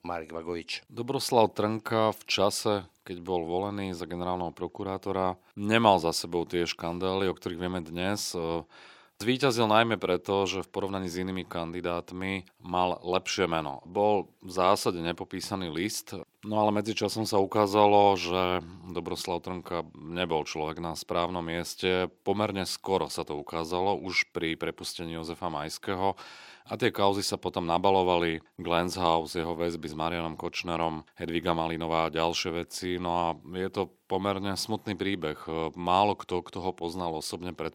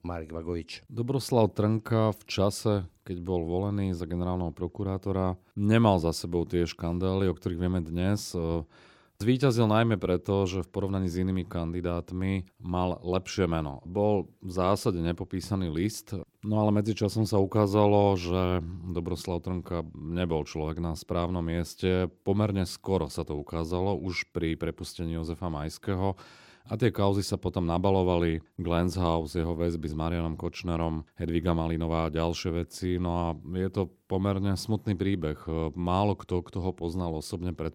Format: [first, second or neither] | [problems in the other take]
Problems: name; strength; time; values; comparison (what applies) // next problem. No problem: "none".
second | thin; somewhat; fading below 1 kHz